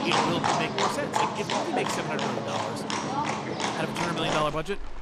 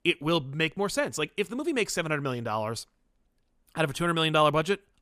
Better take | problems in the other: second | animal sounds; very loud; throughout; 4 dB above the speech

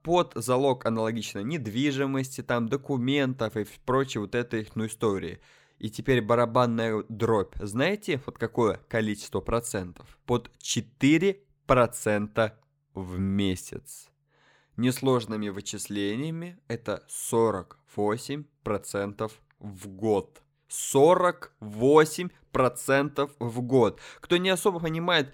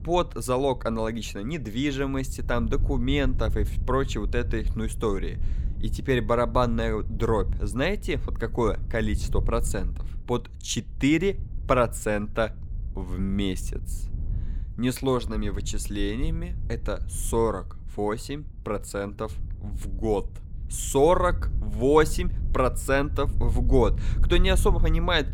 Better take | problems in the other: first | low rumble; faint; throughout; 20 dB below the speech

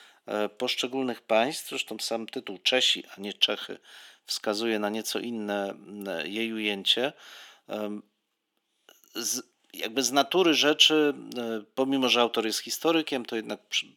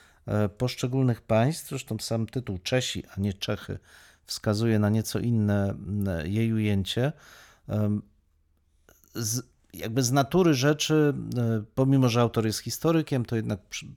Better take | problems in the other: second | thin; somewhat; fading below 250 Hz

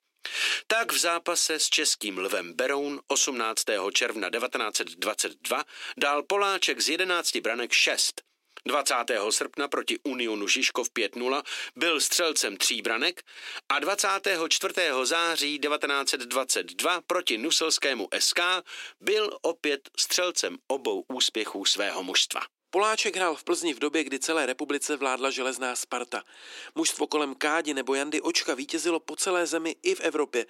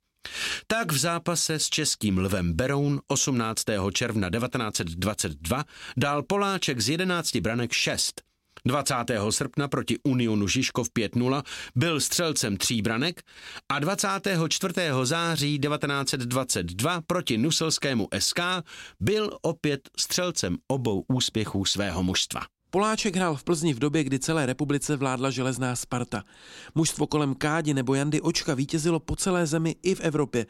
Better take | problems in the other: second | thin; somewhat; fading below 350 Hz

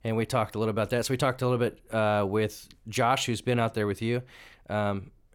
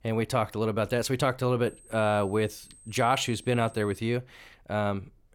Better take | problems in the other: first | high-pitched whine; faint; from 1.5 to 4 s; 8.5 kHz, 25 dB below the speech

